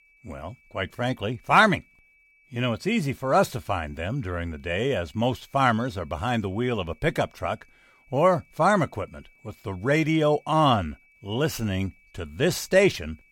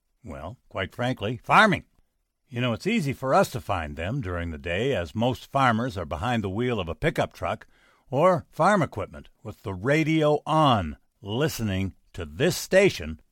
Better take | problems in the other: second | high-pitched whine; faint; throughout; 2.5 kHz, 35 dB below the speech

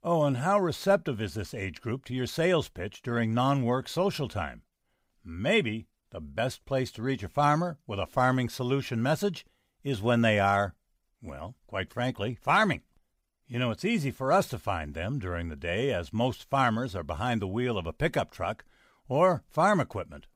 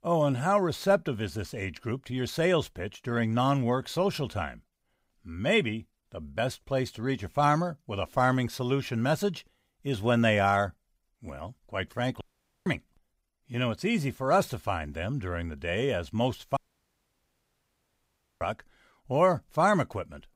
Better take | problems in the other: first | audio cutting out; at 12 s and at 17 s for 2 s

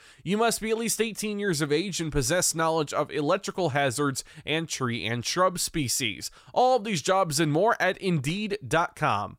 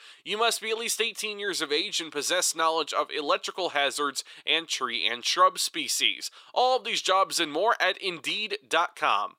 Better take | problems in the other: first | thin; very; fading below 350 Hz

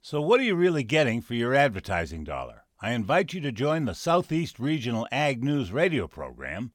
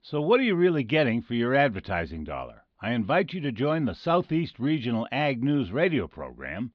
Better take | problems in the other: first | muffled; very slightly; fading above 4 kHz

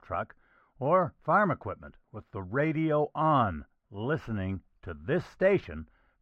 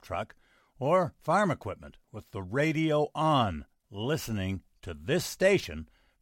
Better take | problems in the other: second | muffled; very; fading above 4 kHz

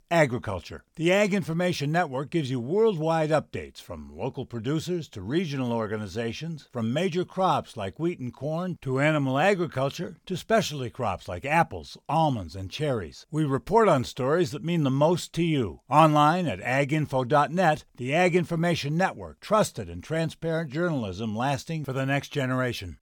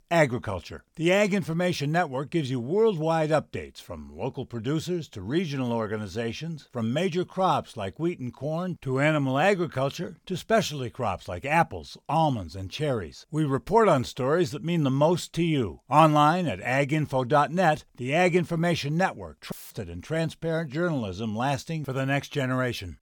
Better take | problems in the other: first | audio cutting out; filled with static; at 20 s

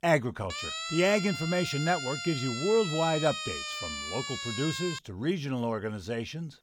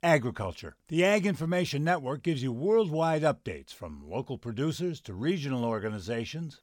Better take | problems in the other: second | siren; noticeable; until 5 s; peak 3 dB below the speech

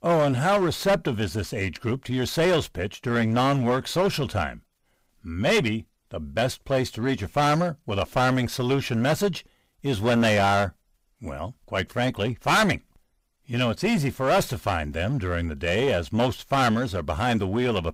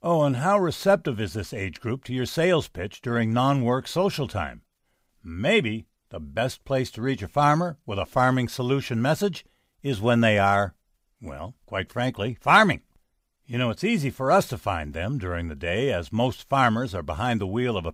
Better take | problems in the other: second | distortion; heavy; 10% of the sound clipped

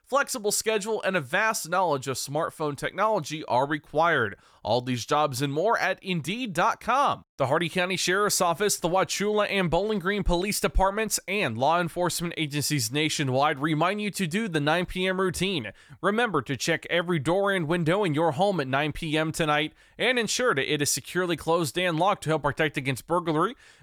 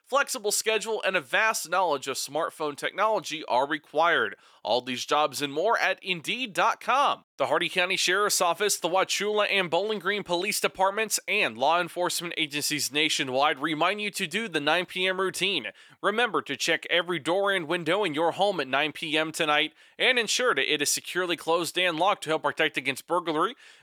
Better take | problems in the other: first | thin; somewhat; fading below 300 Hz

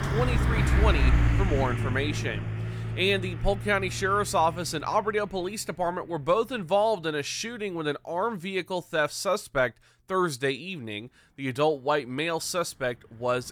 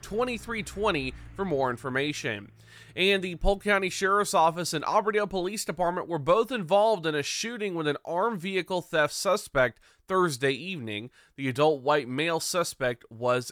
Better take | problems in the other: second | traffic noise; loud; throughout; as loud as the speech; faint in the second

